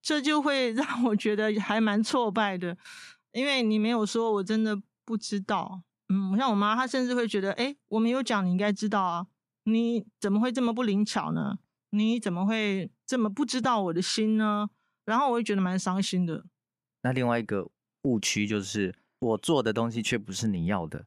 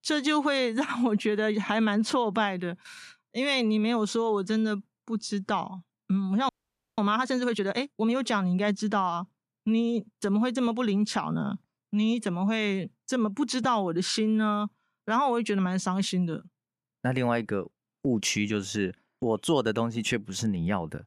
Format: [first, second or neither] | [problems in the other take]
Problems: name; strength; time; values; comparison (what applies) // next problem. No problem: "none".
first | audio freezing; at 6.5 s